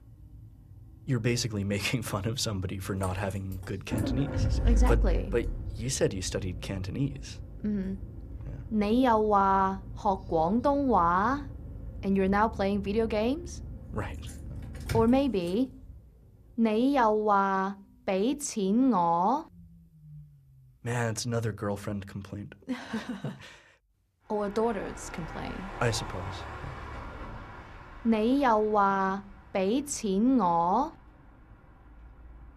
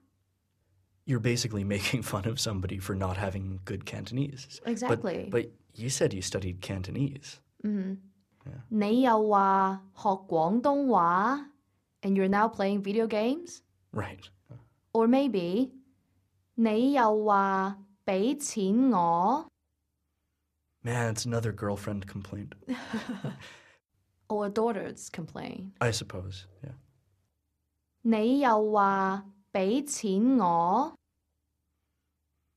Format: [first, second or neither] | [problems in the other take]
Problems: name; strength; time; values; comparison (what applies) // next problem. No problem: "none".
second | traffic noise; loud; throughout; 10 dB below the speech